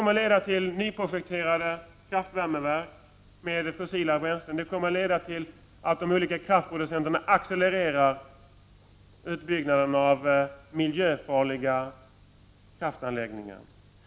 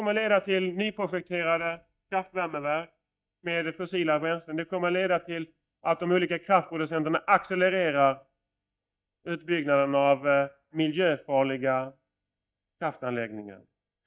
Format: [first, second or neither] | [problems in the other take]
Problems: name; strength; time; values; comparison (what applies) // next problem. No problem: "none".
first | noise reduction (neural mask model DeepFilterNet 3)